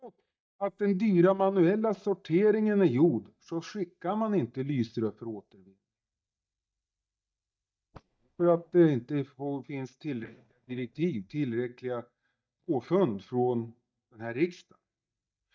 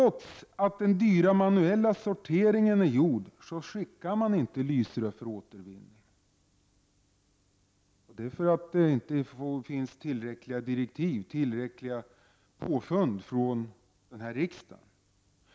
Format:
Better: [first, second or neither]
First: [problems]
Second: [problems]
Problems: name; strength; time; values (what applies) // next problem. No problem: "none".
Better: second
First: noise reduction (neural mask model DeepFilterNet 3)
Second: none